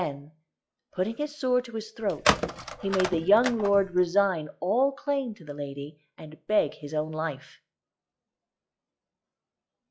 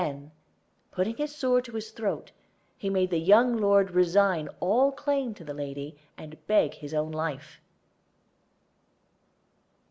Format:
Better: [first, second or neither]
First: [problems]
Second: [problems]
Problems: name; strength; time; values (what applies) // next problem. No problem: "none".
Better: second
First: noise reduction (classical method log-MMSE)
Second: none